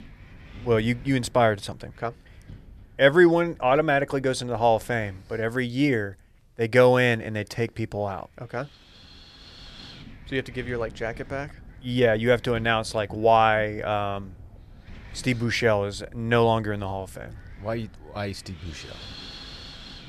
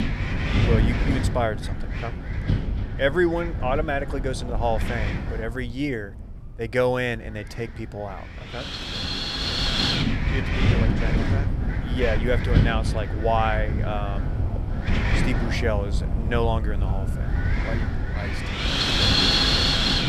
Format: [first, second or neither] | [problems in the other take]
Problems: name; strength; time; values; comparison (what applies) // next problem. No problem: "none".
first | wind noise on the microphone; heavy; 2 dB above the speech; occasional gusts in the first